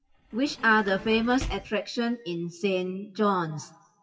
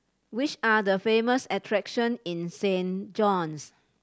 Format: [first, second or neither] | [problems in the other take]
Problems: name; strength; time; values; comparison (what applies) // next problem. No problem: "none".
second | noise reduction (classical method WPE with log-MMSE)